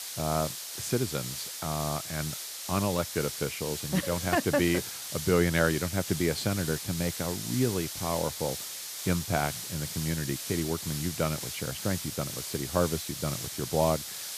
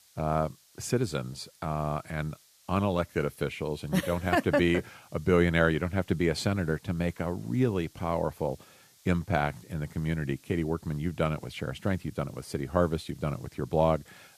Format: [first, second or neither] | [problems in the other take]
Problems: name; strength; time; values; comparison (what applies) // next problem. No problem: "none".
second | hiss; loud; throughout; 4 dB below the speech; faint in the second